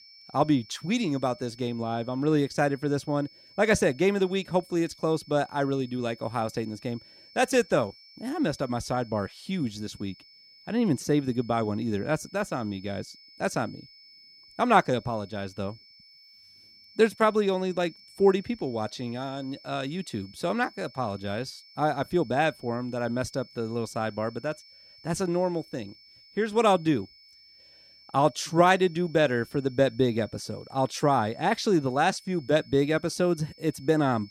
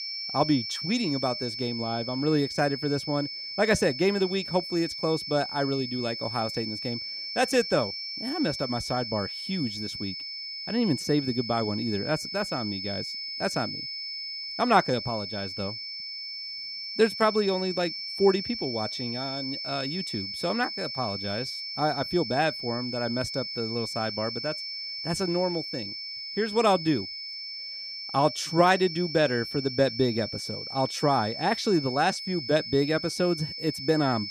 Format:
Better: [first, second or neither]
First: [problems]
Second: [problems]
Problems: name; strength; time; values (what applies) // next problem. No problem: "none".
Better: first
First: high-pitched whine; faint; throughout; 5.5 kHz, 25 dB below the speech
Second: high-pitched whine; loud; throughout; 5.5 kHz, 5 dB below the speech